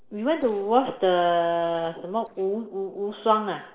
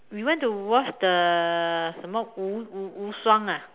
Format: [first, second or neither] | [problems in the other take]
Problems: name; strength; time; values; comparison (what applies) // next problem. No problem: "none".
second | noise reduction (neural separator model SepFormer DNS4)